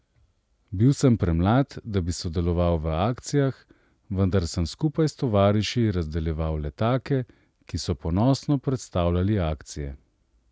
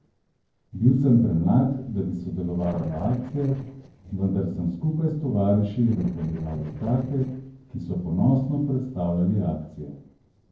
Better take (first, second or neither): first